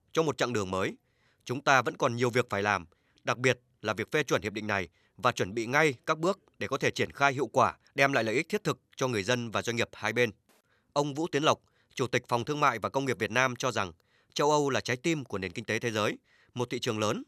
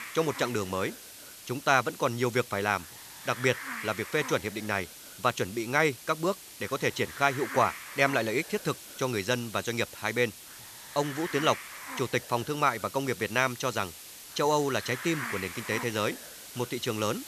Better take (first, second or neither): first